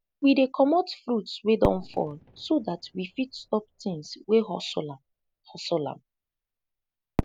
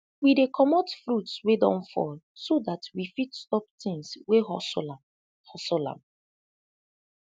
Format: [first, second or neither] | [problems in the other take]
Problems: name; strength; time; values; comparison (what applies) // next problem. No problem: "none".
second | background sound (Fireworks); 12 dB below the speech